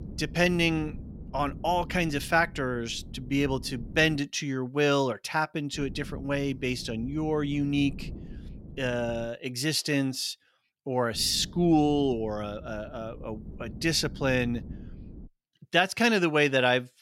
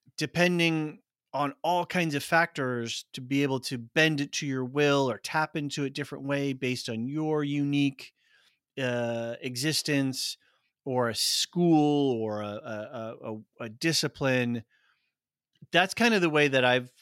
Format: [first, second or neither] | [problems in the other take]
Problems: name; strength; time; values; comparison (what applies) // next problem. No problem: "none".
second | low rumble; faint; until 4 s, from 5.5 to 9.5 s and from 11 to 15 s; 25 dB below the speech